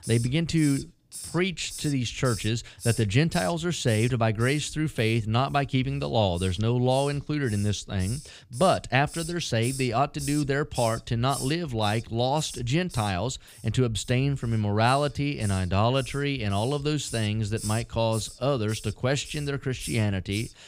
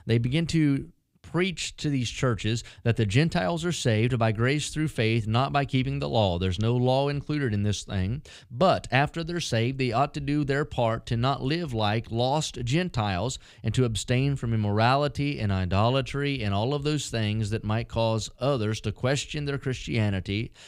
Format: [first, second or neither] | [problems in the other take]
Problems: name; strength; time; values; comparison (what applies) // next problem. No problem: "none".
second | hiss; noticeable; throughout; 15 dB below the speech